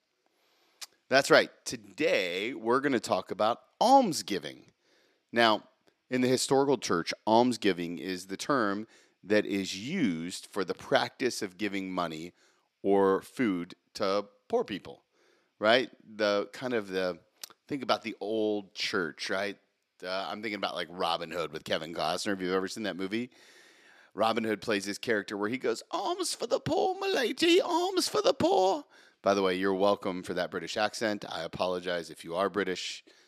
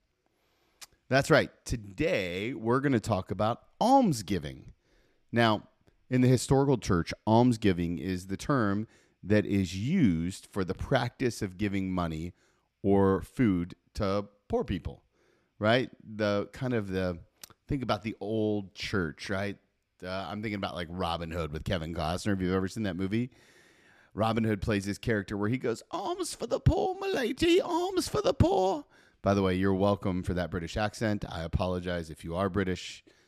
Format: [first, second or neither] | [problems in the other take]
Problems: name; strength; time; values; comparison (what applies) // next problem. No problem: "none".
second | thin; somewhat; fading below 300 Hz